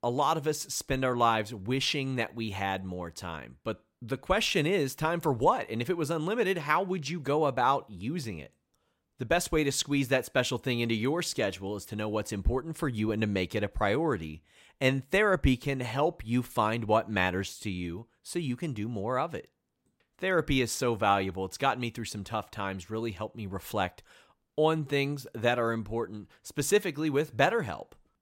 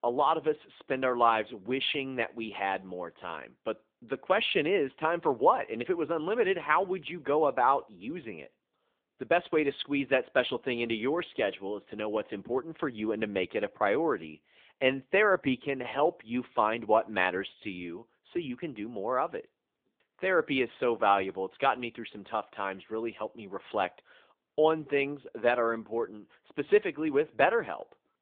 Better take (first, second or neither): first